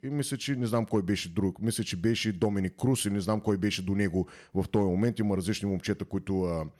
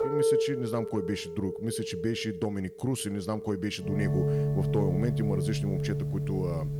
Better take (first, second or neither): first